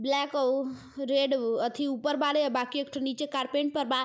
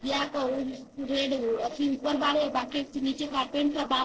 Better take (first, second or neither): first